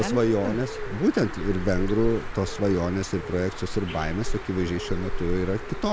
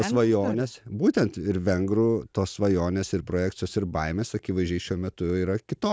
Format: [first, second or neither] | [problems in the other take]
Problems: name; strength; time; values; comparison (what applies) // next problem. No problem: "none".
second | background sound (Bird); 5 dB below the speech